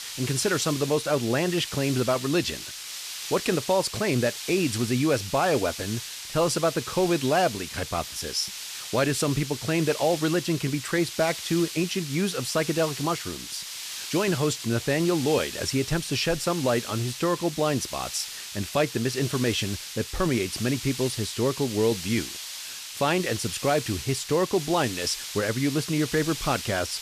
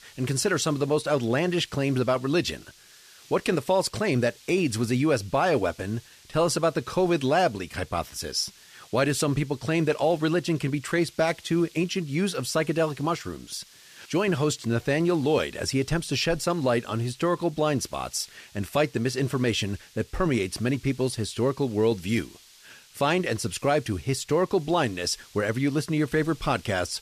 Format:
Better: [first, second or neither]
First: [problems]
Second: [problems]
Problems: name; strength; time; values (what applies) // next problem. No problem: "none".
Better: second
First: hiss; loud; throughout; 8 dB below the speech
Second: hiss; faint; throughout; 25 dB below the speech